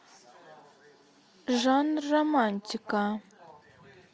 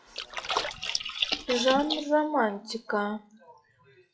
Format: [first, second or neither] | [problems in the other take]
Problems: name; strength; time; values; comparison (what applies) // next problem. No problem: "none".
first | noise reduction (classical method WPE with log-MMSE)